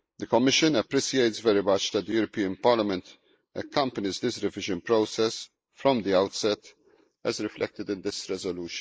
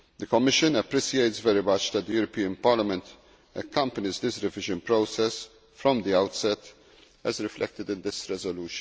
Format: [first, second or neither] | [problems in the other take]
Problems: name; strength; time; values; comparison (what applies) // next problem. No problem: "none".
second | noise reduction (neural mask model Resemble Enhance denoiser)